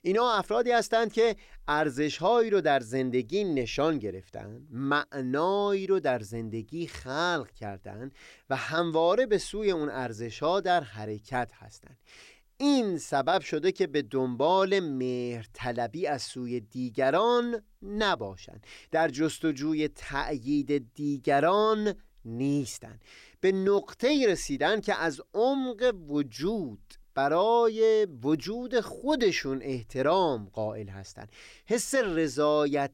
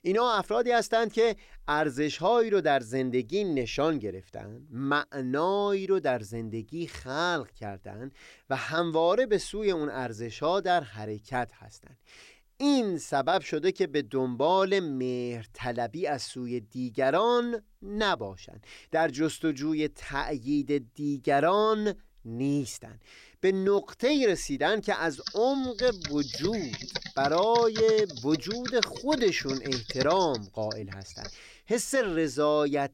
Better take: first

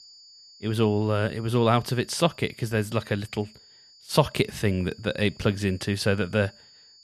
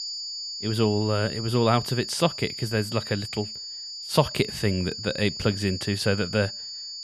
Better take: first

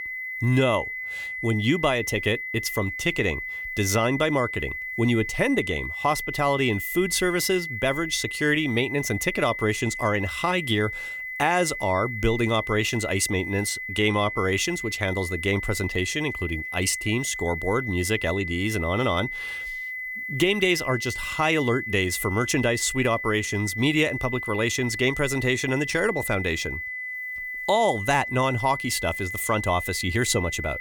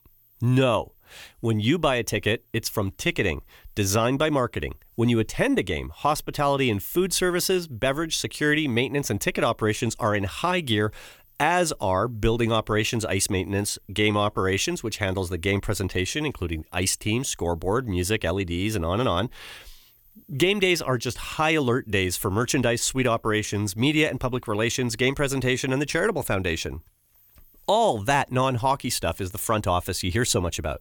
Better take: second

